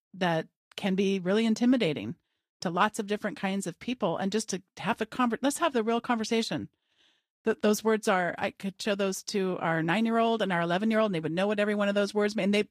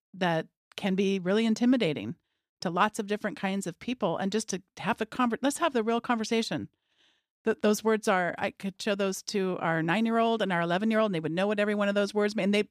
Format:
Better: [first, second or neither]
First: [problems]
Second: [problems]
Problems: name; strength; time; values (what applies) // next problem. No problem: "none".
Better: second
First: garbled, watery; slightly; nothing above 14.5 kHz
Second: none